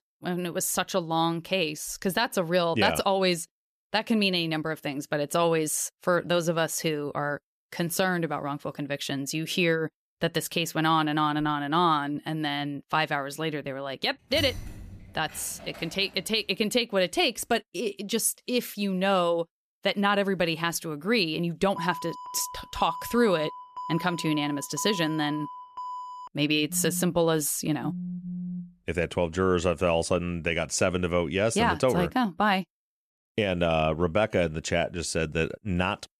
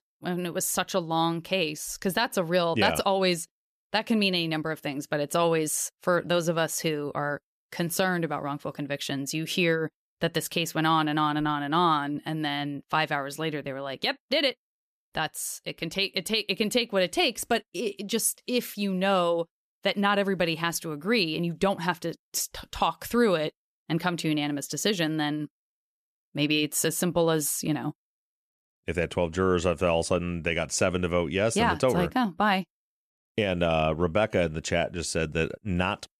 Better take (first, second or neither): second